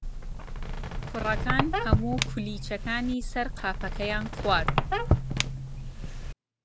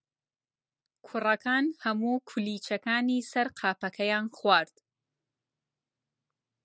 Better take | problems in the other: second | background sound (Squeak); 4 dB above the speech

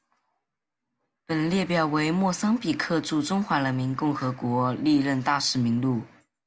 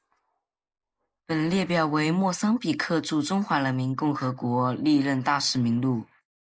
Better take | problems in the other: first | noise reduction (neural mask model Resemble Enhance denoiser)

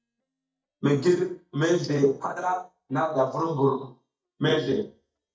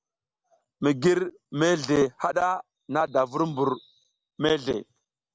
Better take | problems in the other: second | noise reduction (neural mask model DeepFilterNet 3)

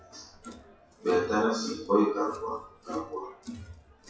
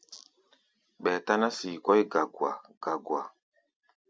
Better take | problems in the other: second | noise reduction (classical method WPE with log-MMSE)

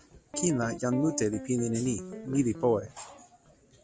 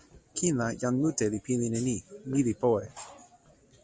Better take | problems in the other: second | background sound (Guitar); 11 dB below the speech

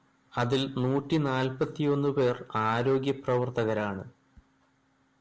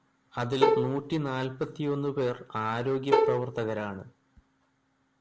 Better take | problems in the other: first | background sound (Bowed string instrument); 3 dB above the speech

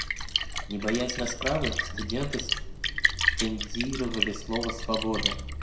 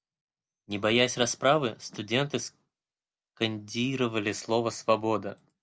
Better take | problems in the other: second | background sound (Splash, splatter); 2 dB above the speech // room echo; dies away in 0.6 s

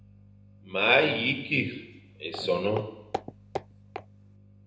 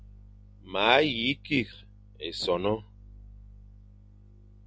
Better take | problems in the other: second | background sound (Walk, footsteps); 10 dB below the speech // room echo; dies away in 0.8 s

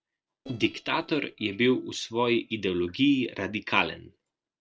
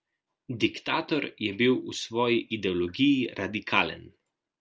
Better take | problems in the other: second | noise reduction (neural separator model SepFormer DNS4)

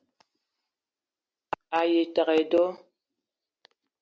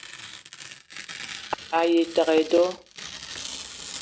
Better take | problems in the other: first | background sound (Tearing); 13 dB below the speech

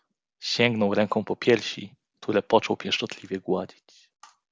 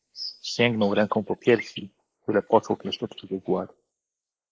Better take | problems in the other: first | noise reduction (neural mask model Resemble Enhance denoiser)

